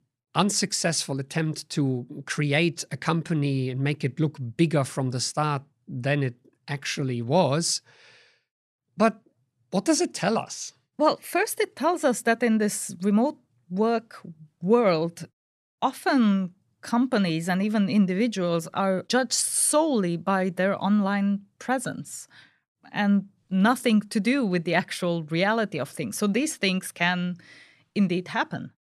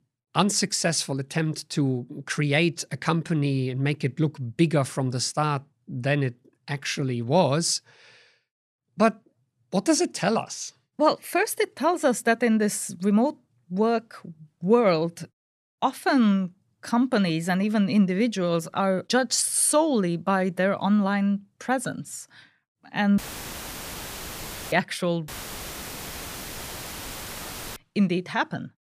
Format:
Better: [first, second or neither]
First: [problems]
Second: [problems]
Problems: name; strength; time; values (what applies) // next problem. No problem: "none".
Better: first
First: none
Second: audio cutting out; filled with static; at 23 s for 1.5 s and at 25 s for 2.5 s